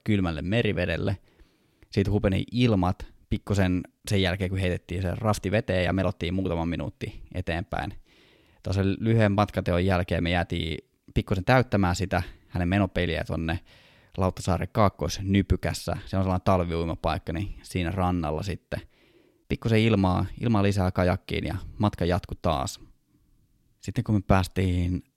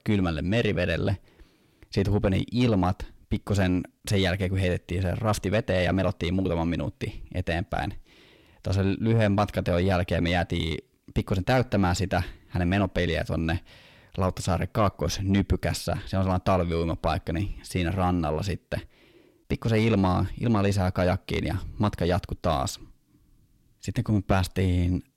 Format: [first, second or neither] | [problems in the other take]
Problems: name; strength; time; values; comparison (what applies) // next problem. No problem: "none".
first | distortion; slight; 9 dB below the speech